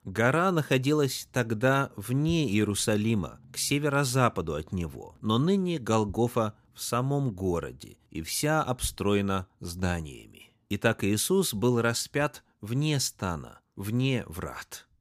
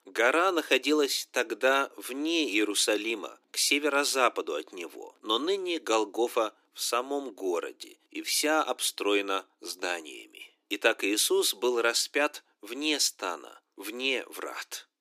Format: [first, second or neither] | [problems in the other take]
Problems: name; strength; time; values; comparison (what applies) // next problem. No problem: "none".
first | thin; somewhat; fading below 300 Hz